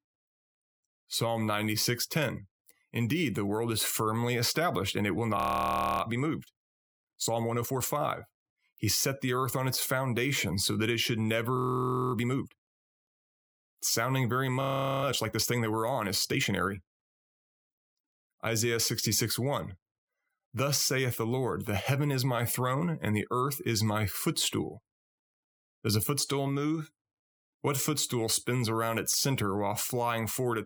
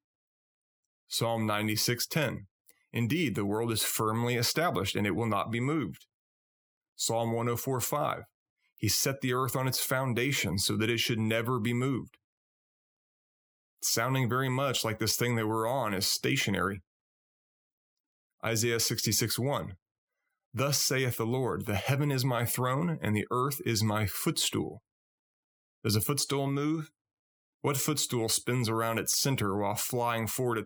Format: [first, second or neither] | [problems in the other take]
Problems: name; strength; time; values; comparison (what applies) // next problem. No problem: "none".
second | audio freezing; at 5.5 s for 0.5 s, at 12 s for 0.5 s and at 15 s